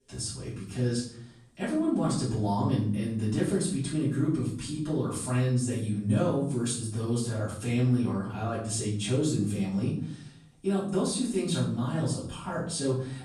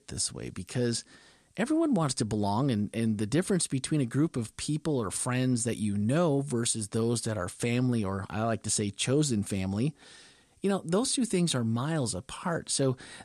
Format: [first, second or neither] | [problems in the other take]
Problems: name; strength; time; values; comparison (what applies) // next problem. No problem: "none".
second | off-mic speech; far // room echo; noticeable; dies away in 0.6 s